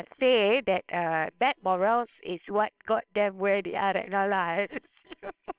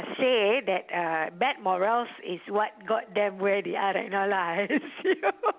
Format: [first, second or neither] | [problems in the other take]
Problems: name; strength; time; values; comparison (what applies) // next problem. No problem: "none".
second | noise reduction (neural separator model SepFormer WHAMR!)